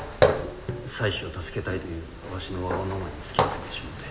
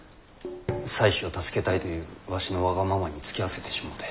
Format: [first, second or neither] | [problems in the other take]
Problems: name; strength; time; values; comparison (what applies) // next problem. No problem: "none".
second | background sound (Walk, footsteps); 3 dB above the speech // room echo; dies away in 1.6 s